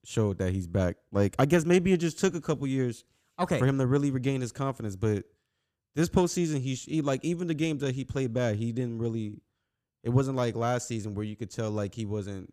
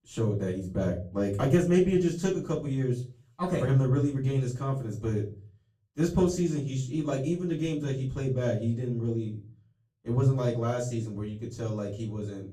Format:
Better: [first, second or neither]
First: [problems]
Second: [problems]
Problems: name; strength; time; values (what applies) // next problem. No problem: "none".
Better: first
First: none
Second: off-mic speech; far // room echo; slight; dies away in 0.5 s